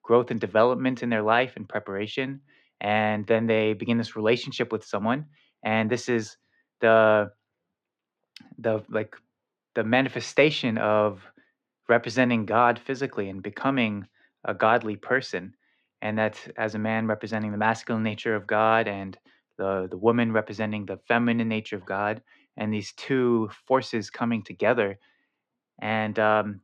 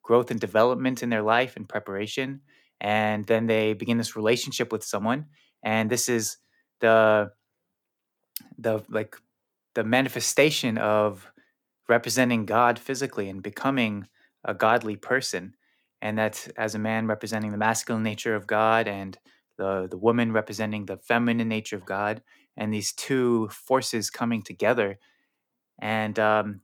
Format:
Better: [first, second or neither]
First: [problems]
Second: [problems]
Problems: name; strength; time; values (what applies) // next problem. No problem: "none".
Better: second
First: muffled; slightly; fading above 4 kHz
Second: none